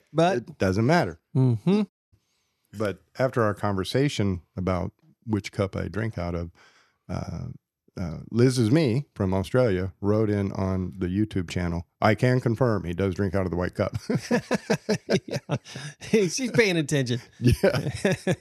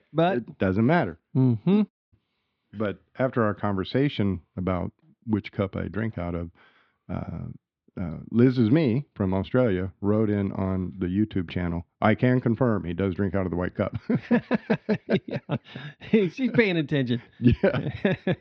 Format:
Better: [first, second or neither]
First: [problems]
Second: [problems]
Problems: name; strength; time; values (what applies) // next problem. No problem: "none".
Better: first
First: none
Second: muffled; slightly; fading above 3.5 kHz